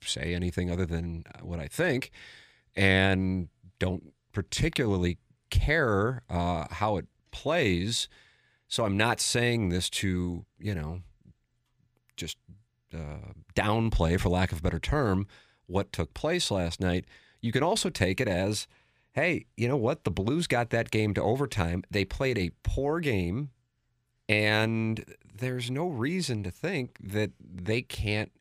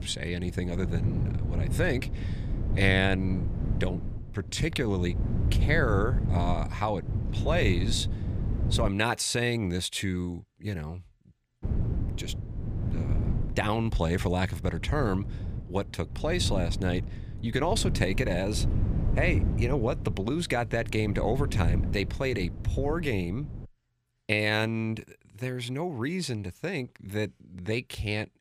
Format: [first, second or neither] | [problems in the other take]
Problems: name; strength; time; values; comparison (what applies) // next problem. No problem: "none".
first | wind noise on the microphone; occasional gusts; until 9 s and from 12 to 24 s; 10 dB below the speech